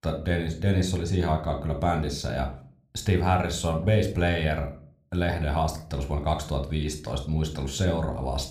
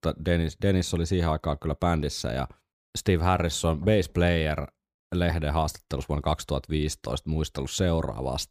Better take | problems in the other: second | room echo; slight; dies away in 0.4 s

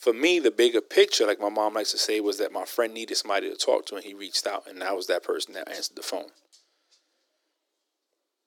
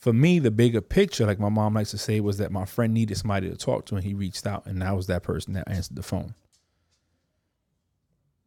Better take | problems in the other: second | thin; very; fading below 300 Hz

